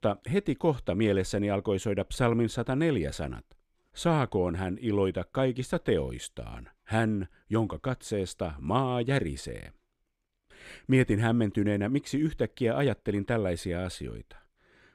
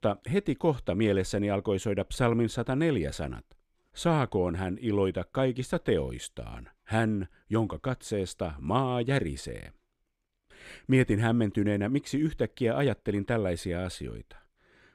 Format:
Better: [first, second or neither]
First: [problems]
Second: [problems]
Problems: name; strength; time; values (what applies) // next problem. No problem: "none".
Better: neither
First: none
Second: none